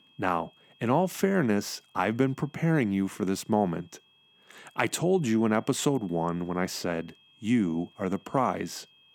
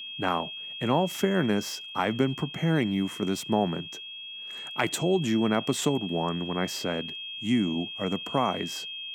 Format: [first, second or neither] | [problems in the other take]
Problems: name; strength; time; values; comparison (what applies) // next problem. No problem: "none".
first | high-pitched whine; loud; throughout; 3 kHz, 8 dB below the speech; faint in the first